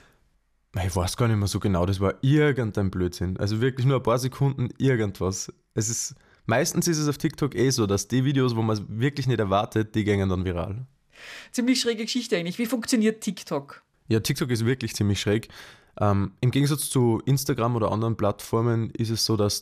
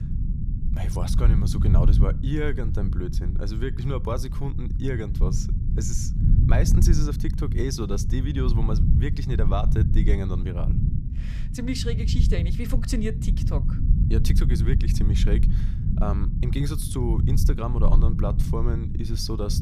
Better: first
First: none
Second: low rumble; loud; throughout; 5 dB below the speech

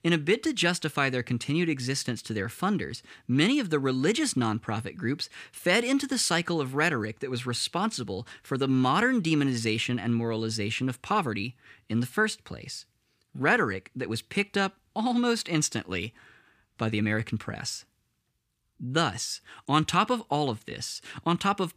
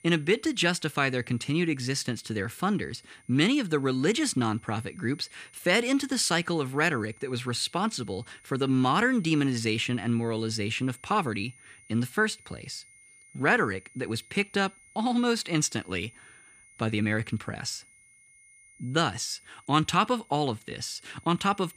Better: first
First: none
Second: high-pitched whine; faint; throughout; 2 kHz, 25 dB below the speech

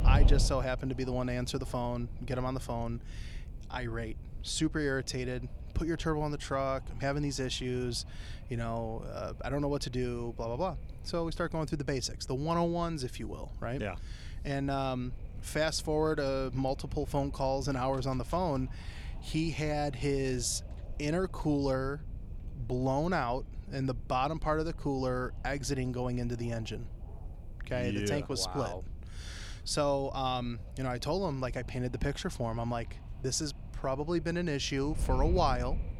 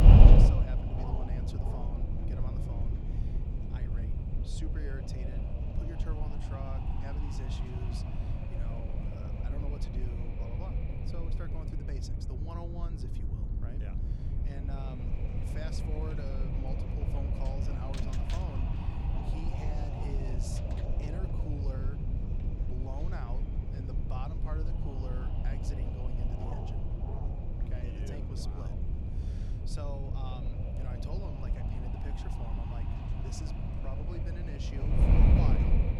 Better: first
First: wind noise on the microphone; occasional gusts; 20 dB below the speech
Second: wind noise on the microphone; heavy; 4 dB above the speech

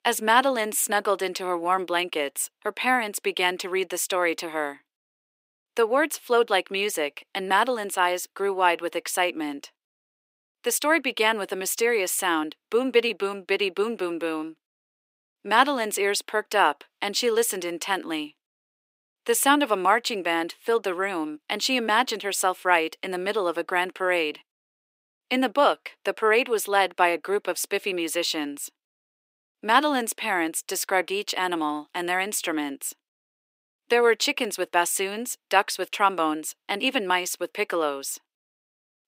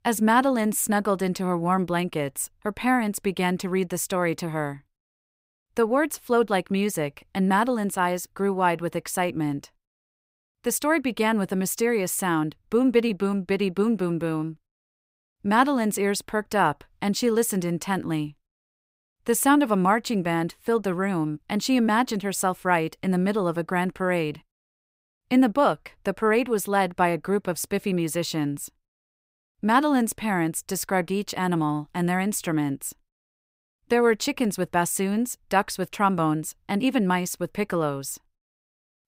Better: second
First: thin; somewhat; fading below 300 Hz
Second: none

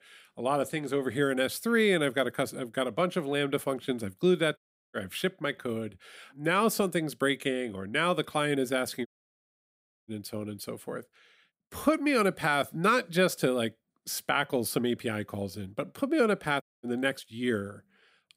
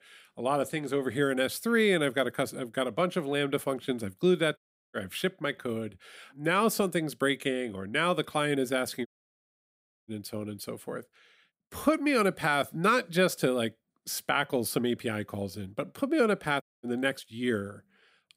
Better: neither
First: audio cutting out; at 4.5 s, at 9 s for 1 s and at 17 s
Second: audio cutting out; at 4.5 s, at 9 s for 1 s and at 17 s

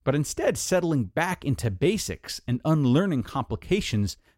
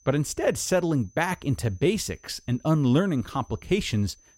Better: first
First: none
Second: high-pitched whine; faint; throughout; 6 kHz, 30 dB below the speech

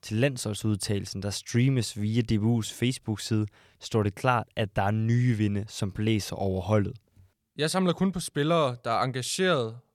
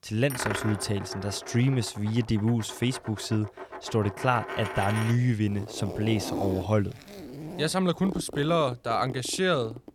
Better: first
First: none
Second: household noises; noticeable; throughout; 10 dB below the speech

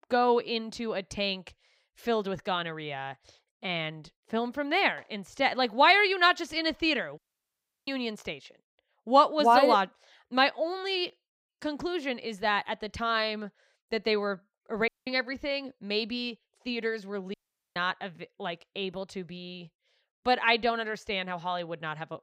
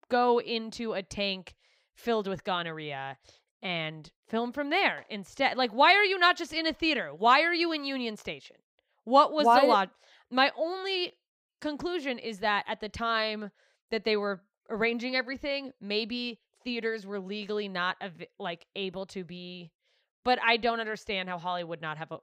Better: second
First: audio cutting out; at 7 s for 0.5 s, at 15 s and at 17 s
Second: none

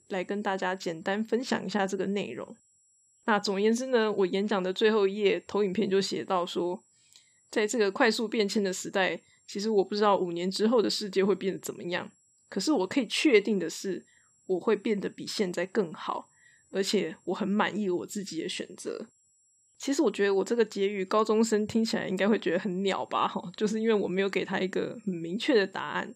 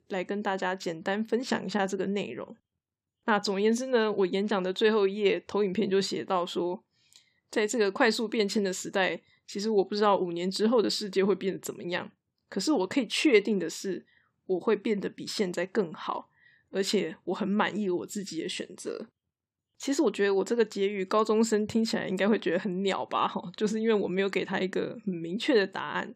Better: second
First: high-pitched whine; faint; throughout; 7.5 kHz, 35 dB below the speech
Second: none

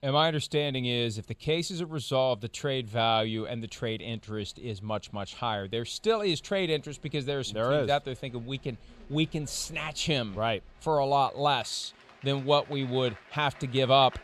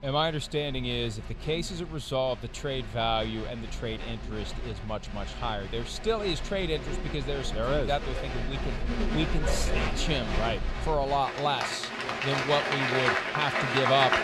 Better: first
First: crowd noise; faint; throughout; 25 dB below the speech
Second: crowd noise; loud; throughout; 2 dB below the speech

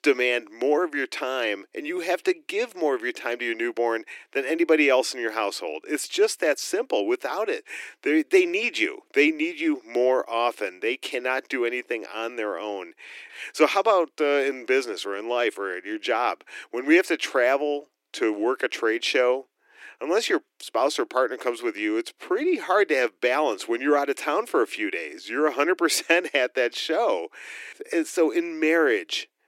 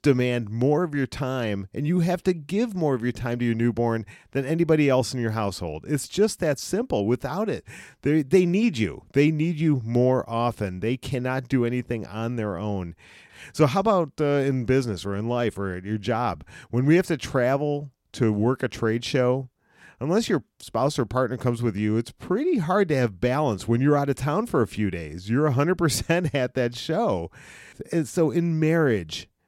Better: second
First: thin; somewhat; fading below 300 Hz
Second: none

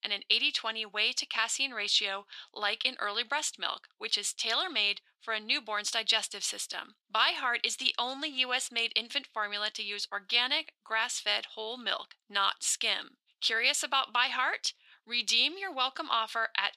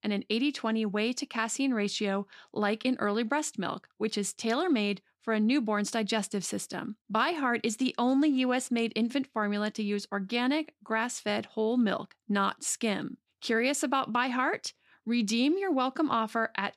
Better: second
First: thin; very; fading below 850 Hz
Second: none

